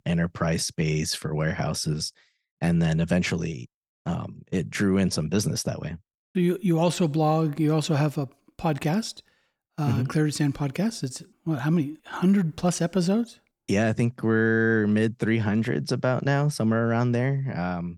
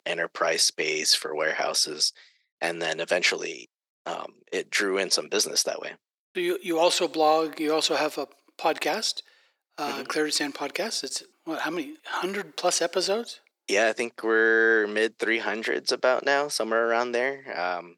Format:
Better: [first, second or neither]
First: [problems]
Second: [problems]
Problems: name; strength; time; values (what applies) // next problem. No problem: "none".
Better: first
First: none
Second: thin; very; fading below 400 Hz